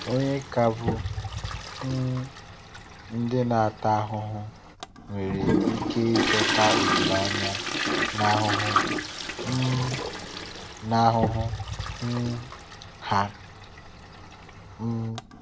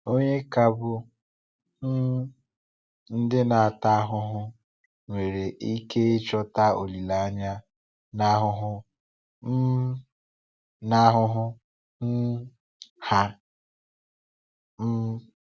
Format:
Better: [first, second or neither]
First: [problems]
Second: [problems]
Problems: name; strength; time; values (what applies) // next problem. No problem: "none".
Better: second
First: background sound (Toilet flush); 1 dB below the speech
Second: none